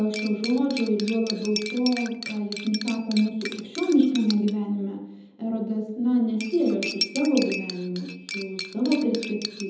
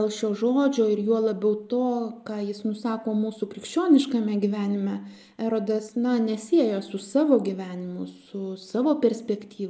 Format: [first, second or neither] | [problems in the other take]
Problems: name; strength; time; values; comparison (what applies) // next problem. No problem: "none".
second | background sound (Cutlery, silverware); 11 dB below the speech // room echo; dies away in 0.8 s